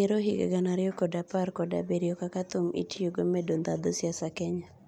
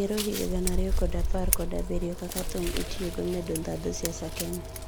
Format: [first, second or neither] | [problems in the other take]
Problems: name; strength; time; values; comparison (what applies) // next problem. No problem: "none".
first | background sound (Scissors); 2 dB above the speech